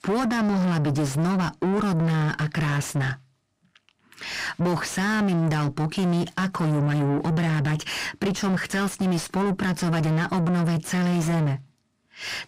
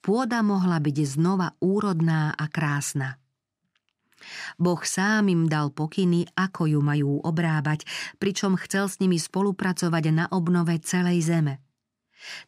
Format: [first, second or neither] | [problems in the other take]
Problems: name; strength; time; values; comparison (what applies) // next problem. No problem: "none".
second | distortion; heavy; 8 dB below the speech